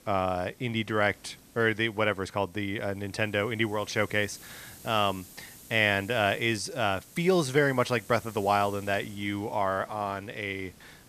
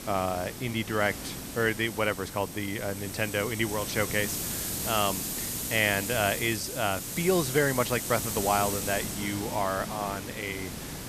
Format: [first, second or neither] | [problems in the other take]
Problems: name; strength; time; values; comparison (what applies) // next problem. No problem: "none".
first | hiss; loud; throughout; 4 dB below the speech; faint in the first